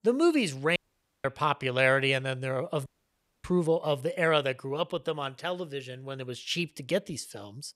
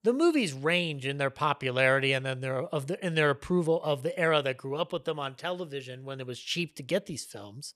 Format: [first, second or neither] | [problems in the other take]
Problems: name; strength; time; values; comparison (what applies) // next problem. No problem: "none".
second | audio cutting out; at 1 s and at 3 s for 0.5 s